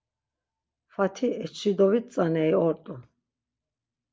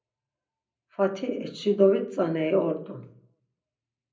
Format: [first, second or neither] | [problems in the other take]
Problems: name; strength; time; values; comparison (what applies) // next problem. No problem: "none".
first | room echo; dies away in 0.5 s